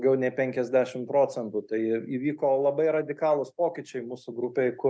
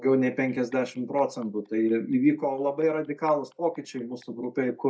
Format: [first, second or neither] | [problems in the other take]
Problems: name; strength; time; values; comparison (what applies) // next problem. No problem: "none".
first | noise reduction (neural mask model DeepFilterNet 3)